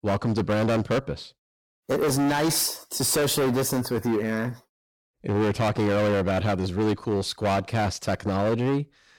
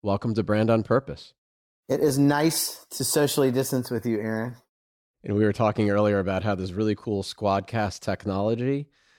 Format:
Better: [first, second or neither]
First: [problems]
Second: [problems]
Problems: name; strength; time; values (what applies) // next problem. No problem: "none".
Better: second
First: distortion; heavy; 21% of the sound clipped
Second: none